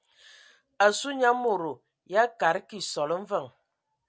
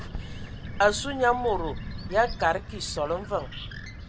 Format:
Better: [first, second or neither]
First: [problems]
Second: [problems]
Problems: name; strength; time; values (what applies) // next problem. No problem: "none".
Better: first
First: none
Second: background sound (Bird); 8 dB below the speech